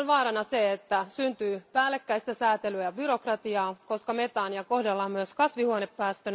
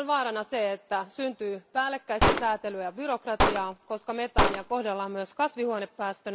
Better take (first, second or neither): first